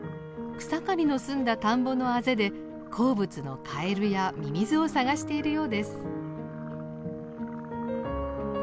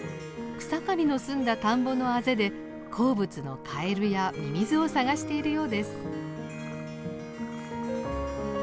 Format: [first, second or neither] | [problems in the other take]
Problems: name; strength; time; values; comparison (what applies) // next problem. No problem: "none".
first | background sound (Guitar + Harp); 20 dB below the speech